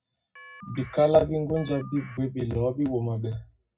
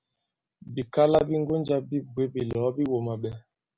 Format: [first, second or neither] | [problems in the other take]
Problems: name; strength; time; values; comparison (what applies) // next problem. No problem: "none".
second | background sound (Telephone); 19 dB below the speech // room echo; dies away in 0.4 s